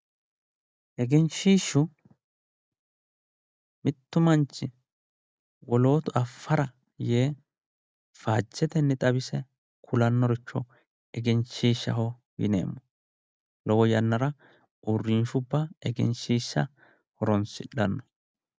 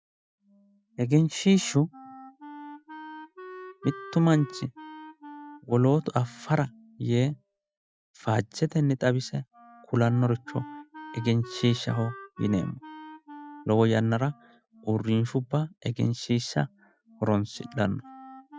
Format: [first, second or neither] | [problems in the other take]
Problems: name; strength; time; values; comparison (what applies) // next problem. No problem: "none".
first | noise reduction (classical method Wiener filter)